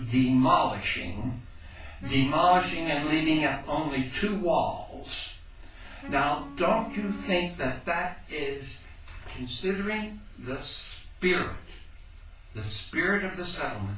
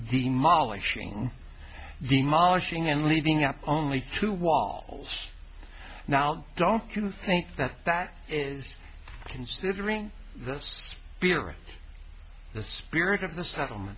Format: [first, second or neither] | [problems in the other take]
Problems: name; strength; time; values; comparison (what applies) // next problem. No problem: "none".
second | background sound (Wind instrument, woodwind instrument); 15 dB below the speech // room echo; dies away in 0.3 s